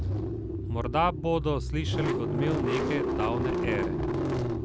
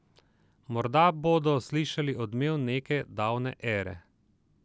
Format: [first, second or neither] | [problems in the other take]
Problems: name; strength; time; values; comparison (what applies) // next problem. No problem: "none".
second | background sound (Engine starting / Car); 2 dB above the speech